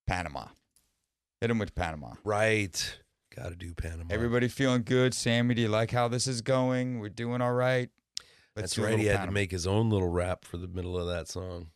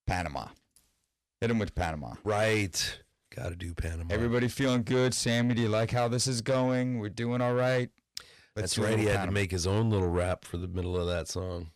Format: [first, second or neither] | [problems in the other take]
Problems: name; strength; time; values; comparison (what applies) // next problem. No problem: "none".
first | distortion; slight; 10 dB below the speech